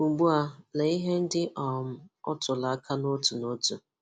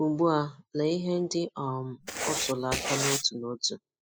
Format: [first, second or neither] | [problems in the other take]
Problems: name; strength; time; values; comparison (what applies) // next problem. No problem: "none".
first | noise reduction (classical method spectral subtraction)